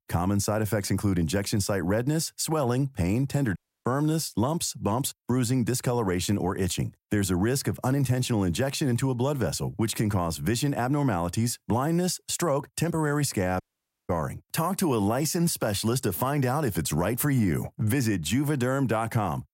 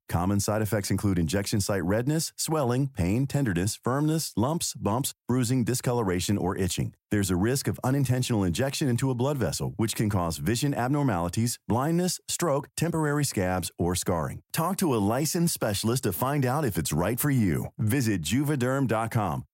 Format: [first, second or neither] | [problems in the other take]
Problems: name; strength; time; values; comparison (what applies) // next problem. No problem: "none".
second | audio cutting out; at 3.5 s and at 14 s